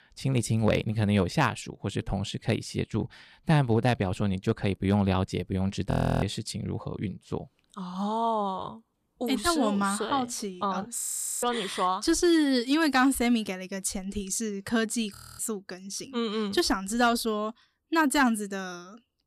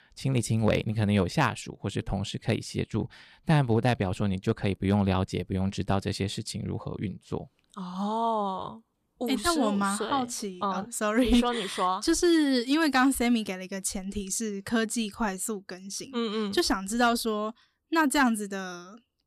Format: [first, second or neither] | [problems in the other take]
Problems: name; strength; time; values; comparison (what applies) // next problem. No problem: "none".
second | audio freezing; at 6 s, at 11 s and at 15 s